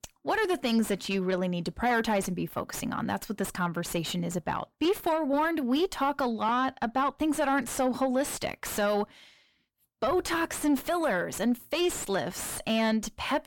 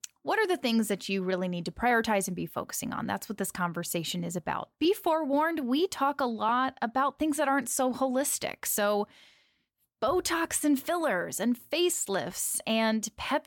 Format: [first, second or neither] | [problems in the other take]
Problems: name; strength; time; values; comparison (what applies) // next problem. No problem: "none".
second | distortion; slight; 10 dB below the speech